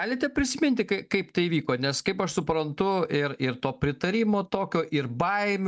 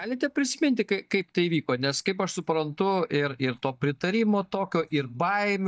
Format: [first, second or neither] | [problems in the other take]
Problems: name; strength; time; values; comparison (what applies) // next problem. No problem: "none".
first | noise reduction (neural mask model DeepFilterNet 3)